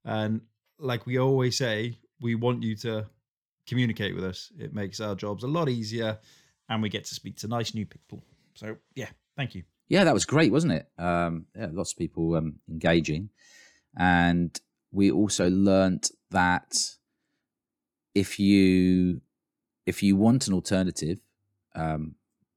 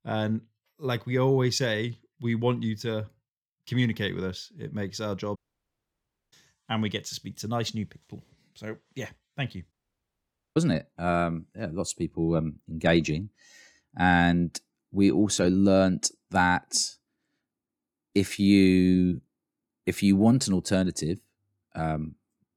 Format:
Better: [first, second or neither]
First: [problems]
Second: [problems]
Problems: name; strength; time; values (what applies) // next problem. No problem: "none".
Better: first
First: none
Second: audio cutting out; at 5.5 s for 1 s and at 9.5 s for 1 s